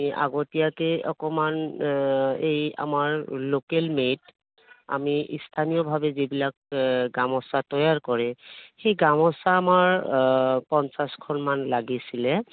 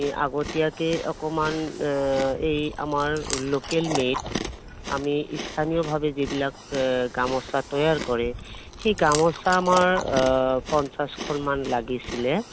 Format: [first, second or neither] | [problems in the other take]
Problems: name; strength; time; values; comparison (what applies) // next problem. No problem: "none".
first | background sound (Chewing, mastication); 10 dB below the speech